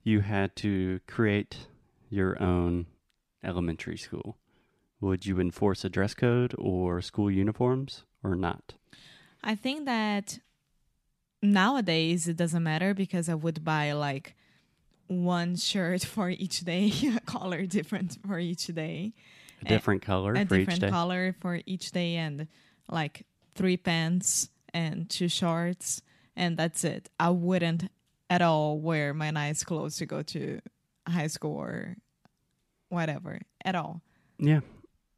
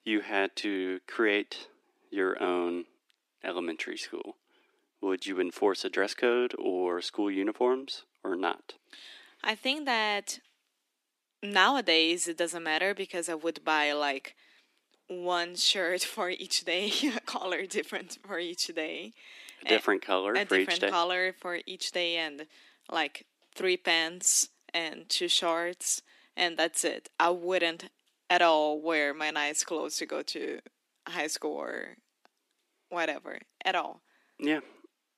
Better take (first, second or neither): first